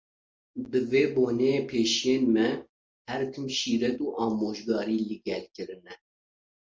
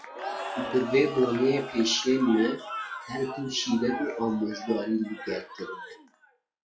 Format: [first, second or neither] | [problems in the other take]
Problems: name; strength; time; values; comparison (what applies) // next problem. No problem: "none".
first | noise reduction (classical method log-MMSE)